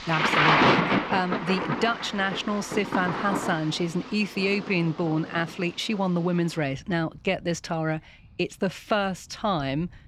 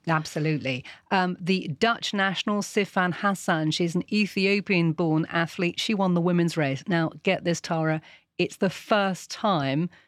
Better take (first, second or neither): second